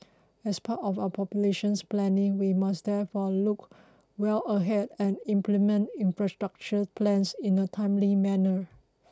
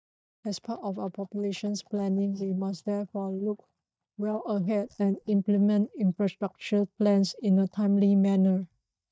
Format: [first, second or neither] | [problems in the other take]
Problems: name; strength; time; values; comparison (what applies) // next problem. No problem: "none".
first | noise reduction (neural mask model DeepFilterNet 3)